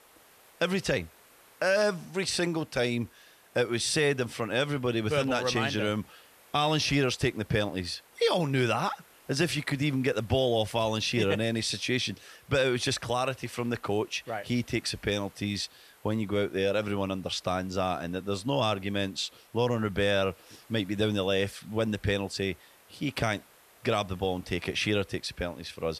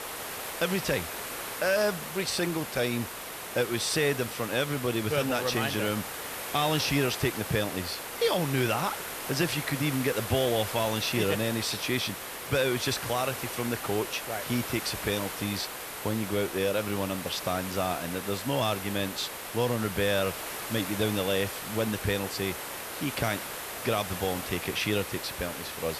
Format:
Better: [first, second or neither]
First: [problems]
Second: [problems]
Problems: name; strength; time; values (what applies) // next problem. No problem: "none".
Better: first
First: hiss; faint; throughout; 25 dB below the speech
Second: hiss; loud; throughout; 6 dB below the speech